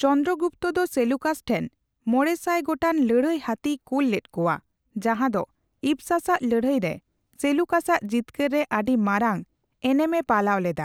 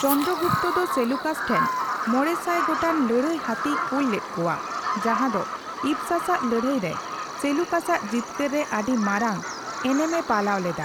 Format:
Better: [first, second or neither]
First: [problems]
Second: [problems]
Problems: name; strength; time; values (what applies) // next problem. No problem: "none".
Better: first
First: none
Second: background sound (Bird vocalization, bird call, bird song); 4 dB below the speech